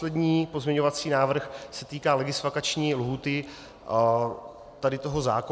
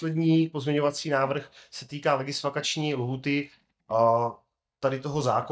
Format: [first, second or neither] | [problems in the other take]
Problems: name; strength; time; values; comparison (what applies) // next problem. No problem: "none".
first | noise reduction (neural mask model DeepFilterNet 3)